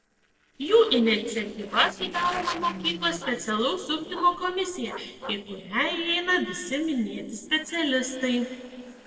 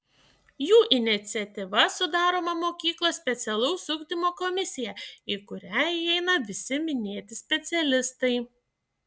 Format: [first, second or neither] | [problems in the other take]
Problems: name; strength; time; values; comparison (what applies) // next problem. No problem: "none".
second | noise reduction (neural separator model SepFormer DNS4)